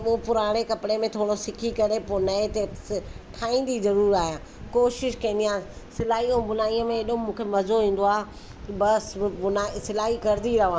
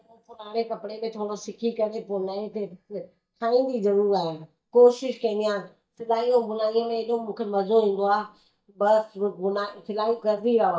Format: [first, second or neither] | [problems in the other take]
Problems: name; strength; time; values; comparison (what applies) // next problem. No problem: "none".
first | noise reduction (neural mask model DeepFilterNet 3)